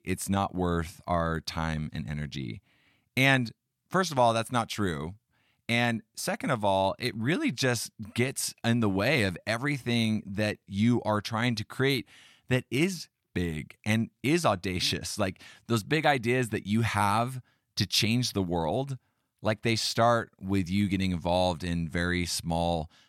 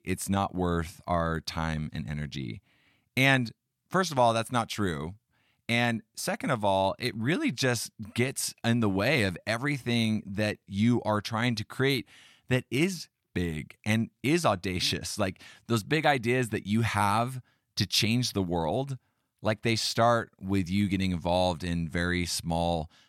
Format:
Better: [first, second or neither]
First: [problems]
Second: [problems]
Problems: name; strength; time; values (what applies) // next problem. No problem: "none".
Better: neither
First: none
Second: none